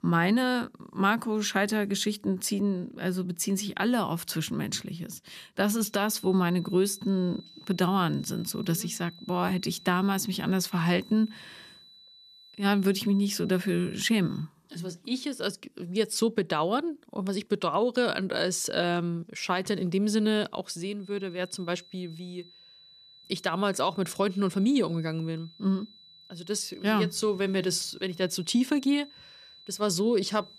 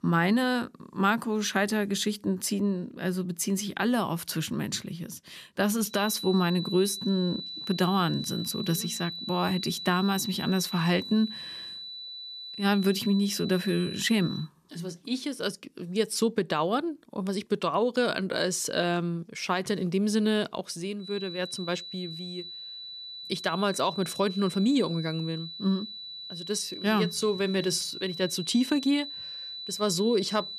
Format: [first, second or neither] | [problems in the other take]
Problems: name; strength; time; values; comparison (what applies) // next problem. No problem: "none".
first | high-pitched whine; loud; from 6 to 14 s and from 21 s on; 4 kHz, 9 dB below the speech; faint in the first